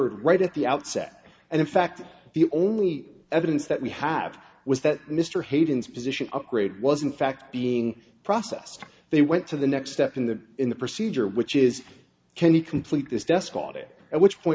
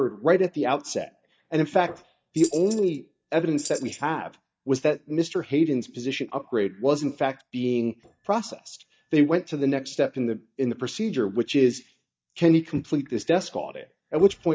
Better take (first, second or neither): first